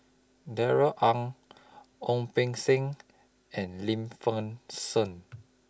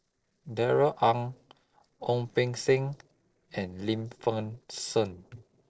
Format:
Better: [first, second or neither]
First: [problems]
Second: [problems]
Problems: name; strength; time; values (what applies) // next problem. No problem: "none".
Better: first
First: none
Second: noise reduction (neural separator model SepFormer DNS4)